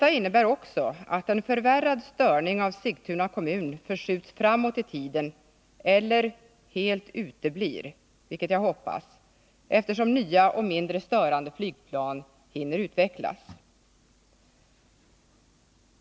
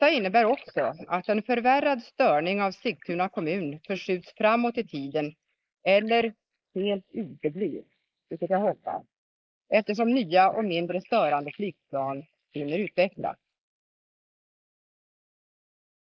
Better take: first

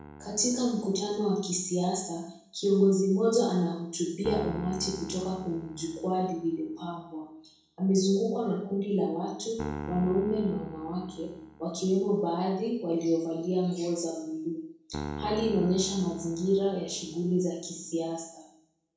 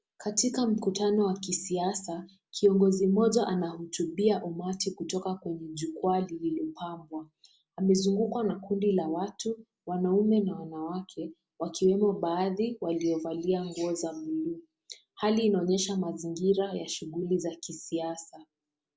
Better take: second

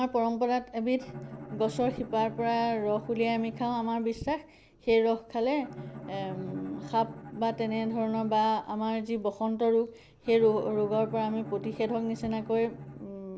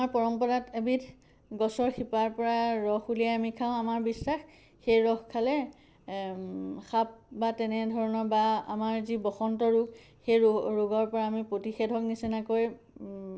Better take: second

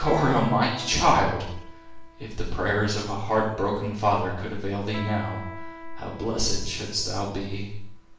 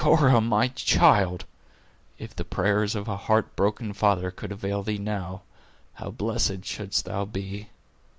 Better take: second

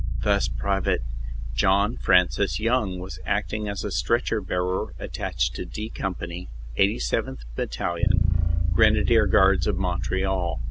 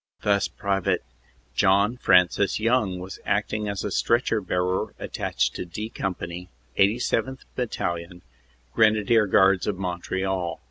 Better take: second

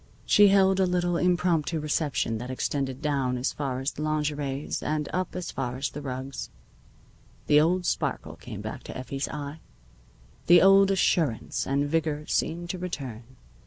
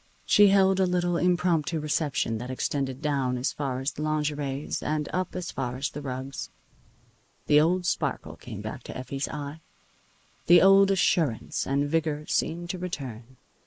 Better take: first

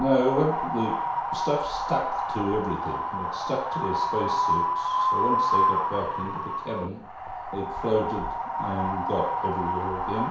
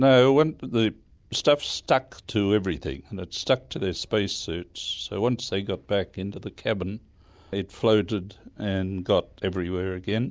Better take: second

